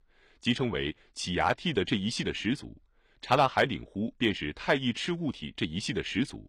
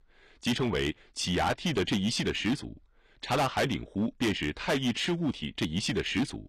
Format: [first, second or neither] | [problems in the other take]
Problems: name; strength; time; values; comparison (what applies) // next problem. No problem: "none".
first | distortion; heavy; 9% of the sound clipped